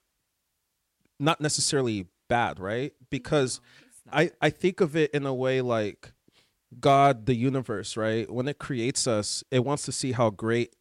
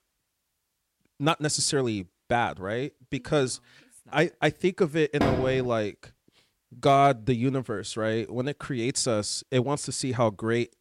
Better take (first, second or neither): first